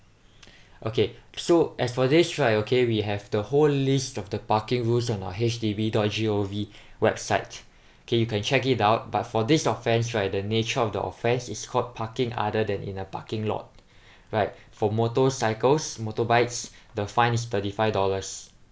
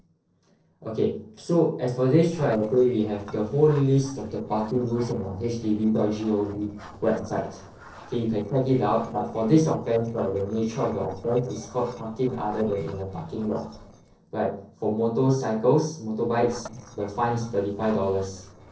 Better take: first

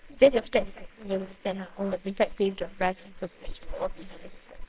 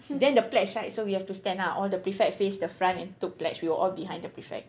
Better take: second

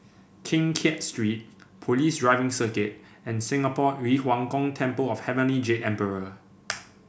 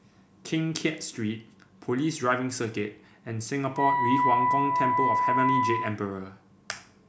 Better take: first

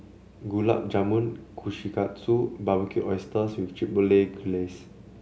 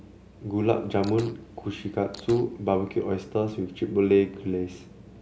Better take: first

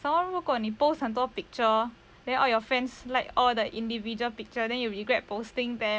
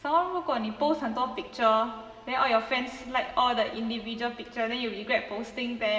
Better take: first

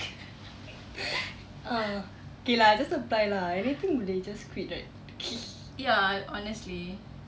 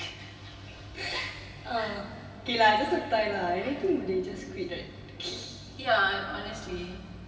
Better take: first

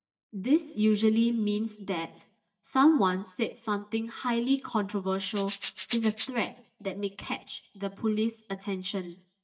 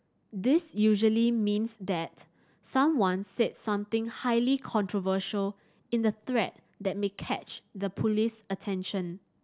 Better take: second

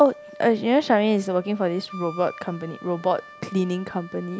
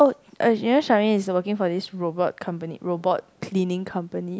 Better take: second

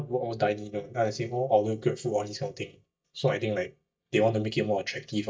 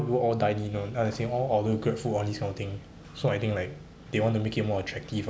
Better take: second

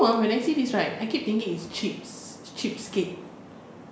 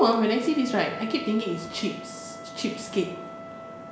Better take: first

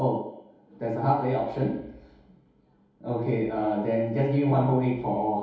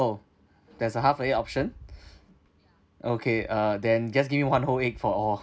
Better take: second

